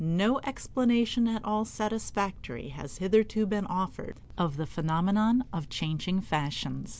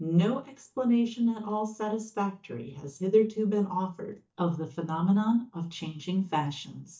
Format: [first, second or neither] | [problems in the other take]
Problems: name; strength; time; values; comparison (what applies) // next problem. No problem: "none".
first | noise reduction (neural mask model DeepFilterNet 3)